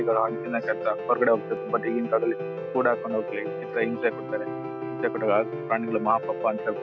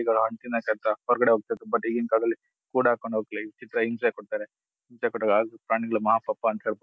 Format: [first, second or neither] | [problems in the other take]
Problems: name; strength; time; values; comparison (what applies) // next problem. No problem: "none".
second | background sound (Piano); 6 dB below the speech